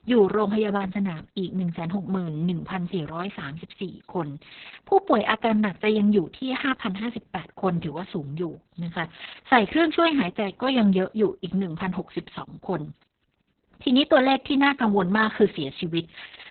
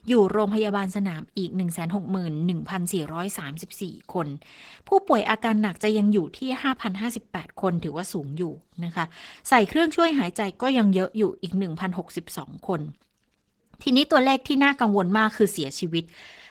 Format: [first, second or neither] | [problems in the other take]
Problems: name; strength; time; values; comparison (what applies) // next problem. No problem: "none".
second | garbled, watery; badly; nothing above 4 kHz; slightly in the second